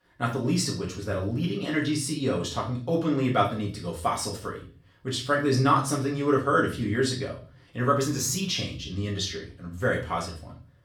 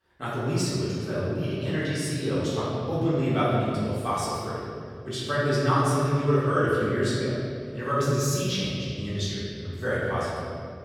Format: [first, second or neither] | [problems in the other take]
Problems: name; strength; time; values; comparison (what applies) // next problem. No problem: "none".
first | room echo; strong; dies away in 2.3 s; slight in the first // off-mic speech; far; far in the first